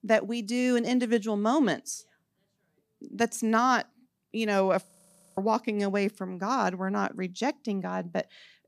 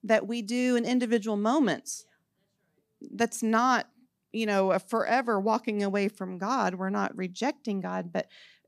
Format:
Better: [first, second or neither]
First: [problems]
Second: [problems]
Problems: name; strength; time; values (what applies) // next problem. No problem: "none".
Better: second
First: audio freezing; at 5 s for 0.5 s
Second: none